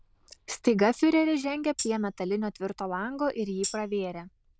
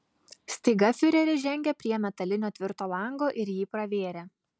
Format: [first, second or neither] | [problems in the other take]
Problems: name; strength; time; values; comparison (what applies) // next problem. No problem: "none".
second | noise reduction (neural diffusion model UNIVERSE++)